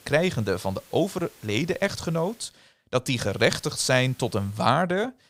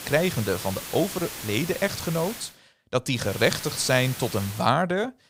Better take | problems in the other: first | hiss; loud; until 2.5 s and from 3 to 4.5 s; 10 dB below the speech; faint in the first

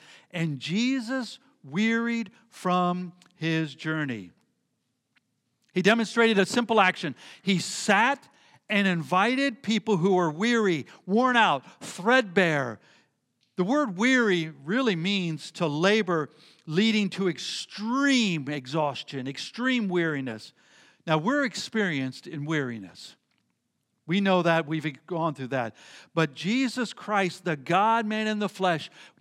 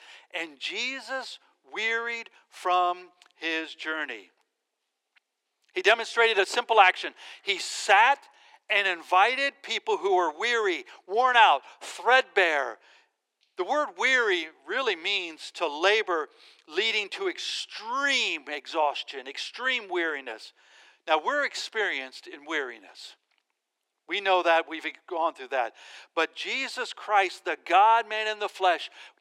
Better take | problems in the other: first | thin; very; fading below 350 Hz

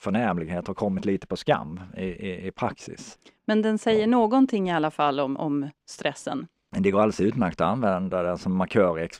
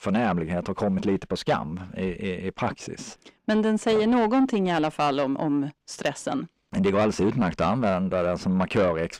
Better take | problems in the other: first | distortion; slight; 10 dB below the speech

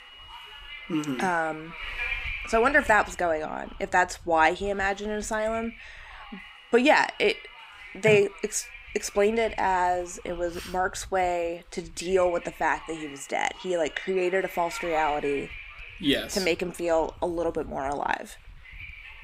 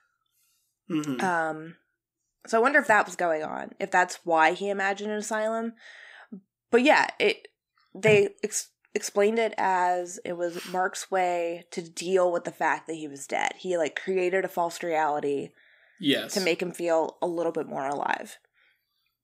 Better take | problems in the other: second | wind noise on the microphone; occasional gusts; 15 dB below the speech

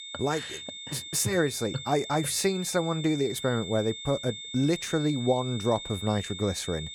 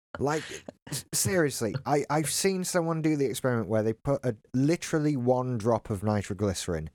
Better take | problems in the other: second | high-pitched whine; loud; throughout; 3.5 kHz, 9 dB below the speech

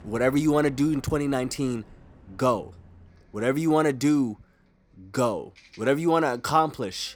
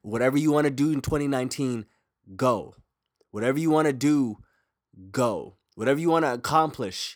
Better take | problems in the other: second | traffic noise; faint; throughout; 25 dB below the speech

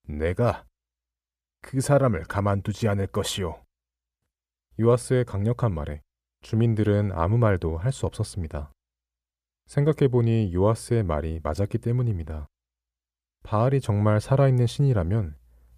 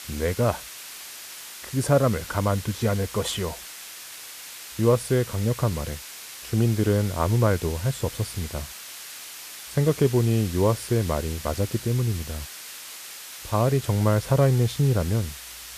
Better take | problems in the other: first | hiss; noticeable; throughout; 15 dB below the speech

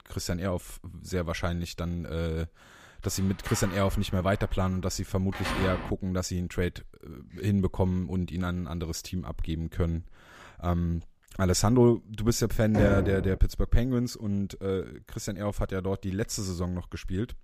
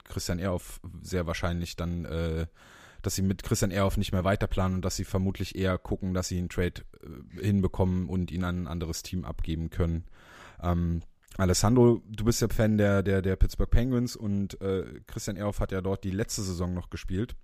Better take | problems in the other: second | door banging; noticeable; from 3 to 6 s; peak 2 dB below the speech // door banging; loud; at 13 s; peak 2 dB above the speech

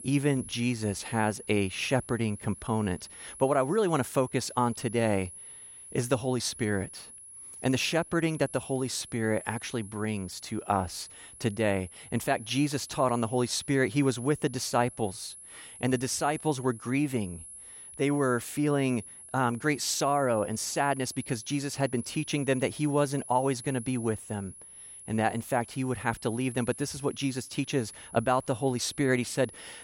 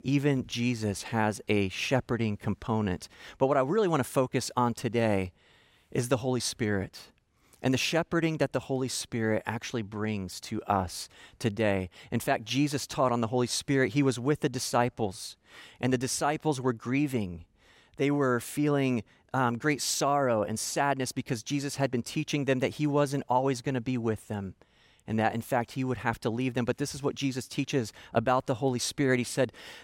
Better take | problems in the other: second | high-pitched whine; noticeable; throughout; 10.5 kHz, 15 dB below the speech

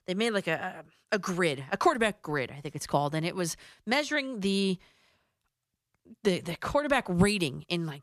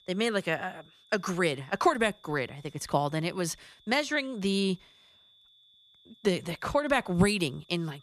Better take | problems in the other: first | high-pitched whine; faint; throughout; 3.5 kHz, 30 dB below the speech

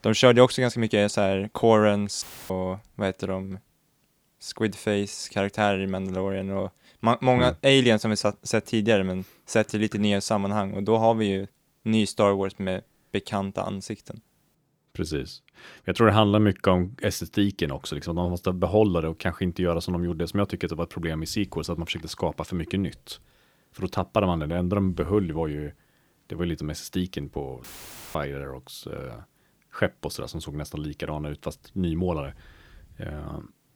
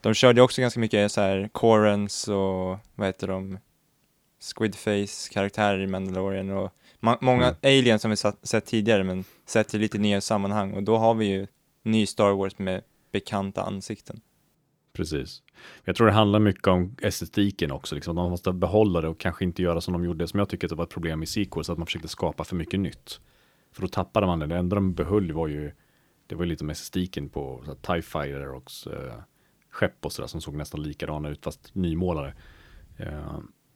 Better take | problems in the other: second | audio cutting out; filled with static; at 2 s and at 28 s for 0.5 s

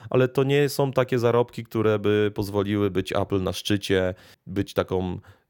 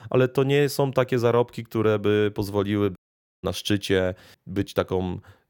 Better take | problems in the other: first | audio cutting out; at 3 s

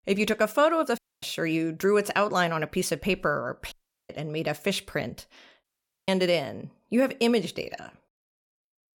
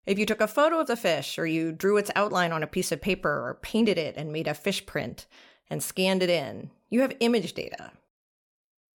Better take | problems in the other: second | audio cutting out; at 1 s, at 3.5 s and at 5.5 s

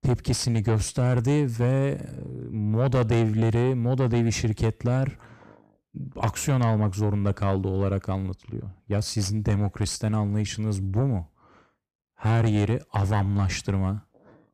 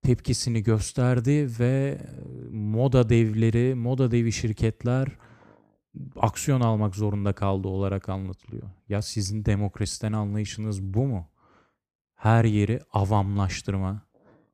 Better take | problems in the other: second | distortion; slight; 10 dB below the speech

